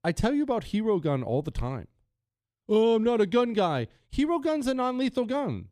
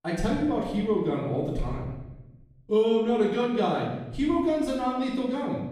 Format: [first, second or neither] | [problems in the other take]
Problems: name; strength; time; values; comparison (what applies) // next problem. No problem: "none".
first | off-mic speech; far // room echo; noticeable; dies away in 0.9 s